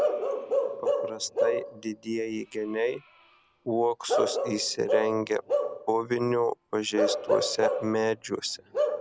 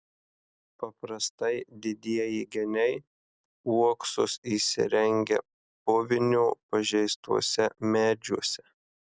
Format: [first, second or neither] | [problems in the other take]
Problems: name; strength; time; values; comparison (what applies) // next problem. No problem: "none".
second | background sound (Bark / Livestock, farm animals, working animals); 1 dB below the speech